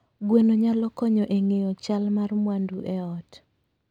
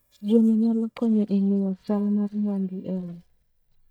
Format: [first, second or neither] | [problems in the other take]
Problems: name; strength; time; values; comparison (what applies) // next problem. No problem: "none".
first | noise reduction (neural mask model DeepFilterNet 3)